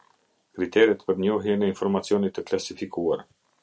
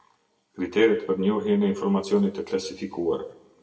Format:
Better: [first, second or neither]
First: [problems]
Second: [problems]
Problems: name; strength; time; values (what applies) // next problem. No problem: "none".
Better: first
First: none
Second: room echo; dies away in 0.8 s